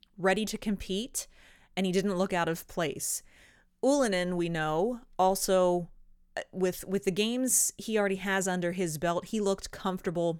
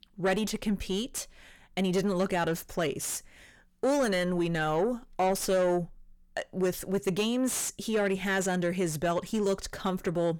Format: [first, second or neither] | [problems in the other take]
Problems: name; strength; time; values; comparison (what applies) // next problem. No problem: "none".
first | distortion; slight; 10 dB below the speech